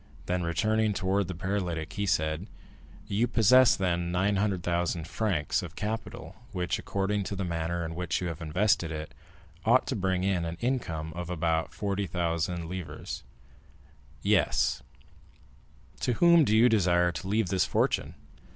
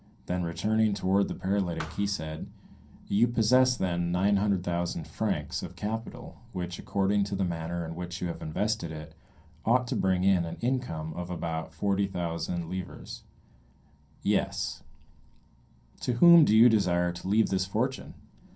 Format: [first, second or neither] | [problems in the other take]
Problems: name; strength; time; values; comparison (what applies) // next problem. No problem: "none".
first | background sound (Thump, thud); 17 dB below the speech // room echo; dies away in 0.3 s